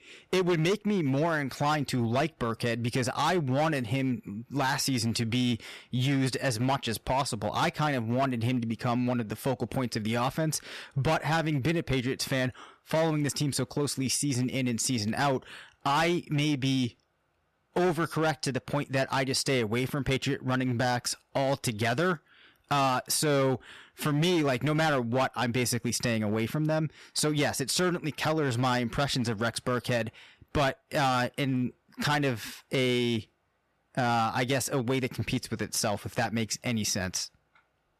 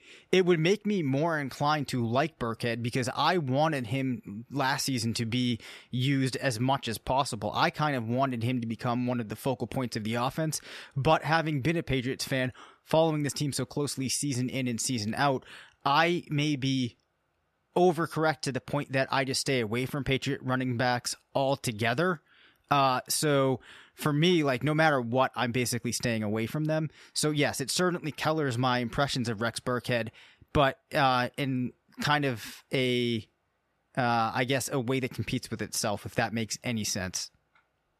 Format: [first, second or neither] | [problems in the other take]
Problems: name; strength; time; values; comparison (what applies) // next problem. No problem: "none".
second | distortion; slight; 9% of the sound clipped